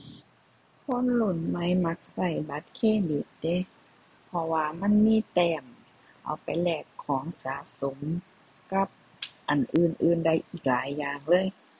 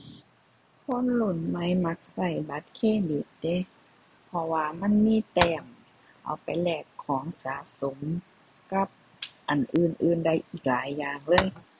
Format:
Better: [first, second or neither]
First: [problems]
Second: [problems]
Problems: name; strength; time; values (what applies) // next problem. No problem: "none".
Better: first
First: none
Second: background sound (Tap); 2 dB below the speech